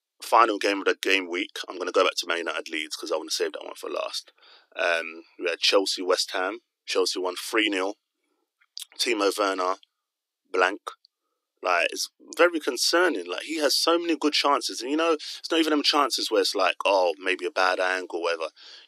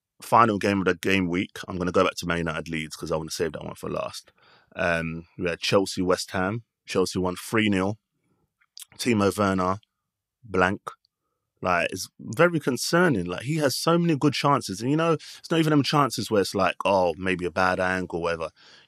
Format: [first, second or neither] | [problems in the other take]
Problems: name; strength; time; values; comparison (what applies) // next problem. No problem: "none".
second | thin; somewhat; fading below 300 Hz